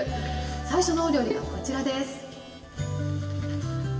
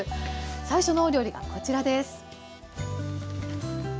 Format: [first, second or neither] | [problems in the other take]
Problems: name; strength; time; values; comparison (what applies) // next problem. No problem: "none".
second | background sound (Bowed string instrument); 12 dB below the speech // room echo; dies away in 1.8 s